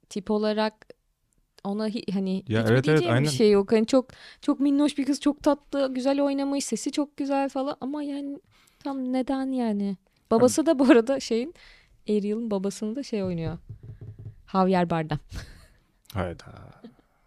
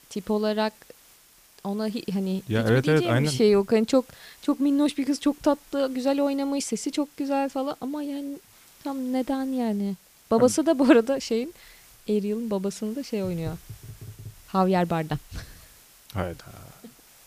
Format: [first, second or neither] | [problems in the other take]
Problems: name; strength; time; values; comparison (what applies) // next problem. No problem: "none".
first | hiss; faint; throughout; 25 dB below the speech